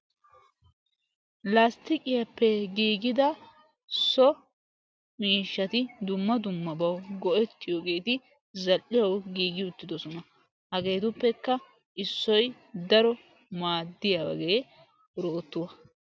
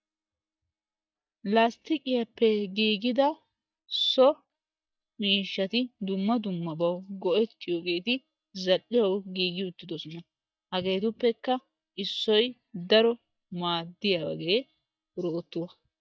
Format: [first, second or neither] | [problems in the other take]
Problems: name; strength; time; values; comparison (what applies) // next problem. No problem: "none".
first | noise reduction (neural mask model DeepFilterNet 3)